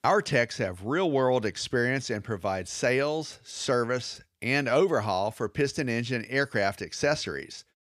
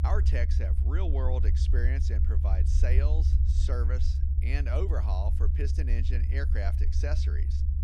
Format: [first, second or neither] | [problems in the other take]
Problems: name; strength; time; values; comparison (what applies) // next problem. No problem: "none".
first | low rumble; loud; throughout; 5 dB below the speech